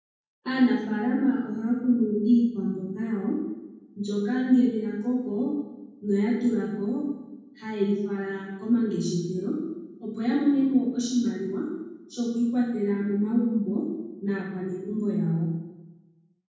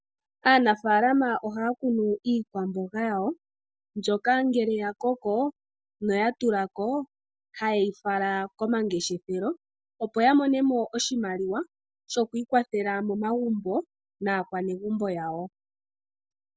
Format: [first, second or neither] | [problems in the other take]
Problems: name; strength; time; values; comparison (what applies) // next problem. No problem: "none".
second | room echo; dies away in 1.1 s